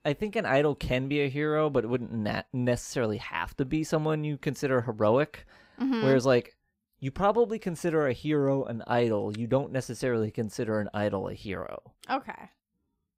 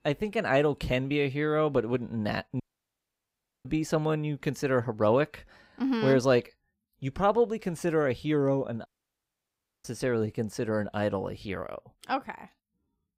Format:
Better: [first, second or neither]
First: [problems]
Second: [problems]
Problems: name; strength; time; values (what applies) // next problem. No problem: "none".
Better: first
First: none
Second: audio cutting out; at 2.5 s for 1 s and at 9 s for 1 s